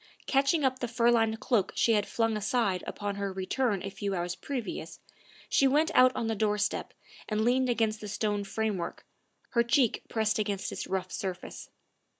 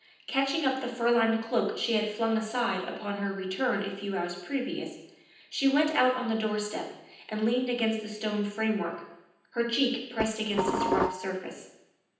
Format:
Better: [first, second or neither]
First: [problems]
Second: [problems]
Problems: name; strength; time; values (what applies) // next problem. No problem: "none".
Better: first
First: none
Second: background sound (Dishes, pots, and pans); as loud as the speech // room echo; dies away in 0.9 s